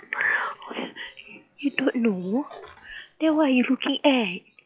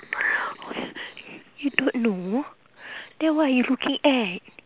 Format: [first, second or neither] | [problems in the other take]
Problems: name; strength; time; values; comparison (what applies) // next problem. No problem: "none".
second | noise reduction (classical method log-MMSE)